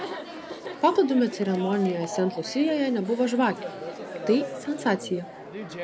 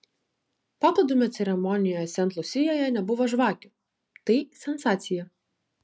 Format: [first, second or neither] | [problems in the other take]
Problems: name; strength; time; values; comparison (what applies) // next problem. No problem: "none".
second | background sound (Chatter); 10 dB below the speech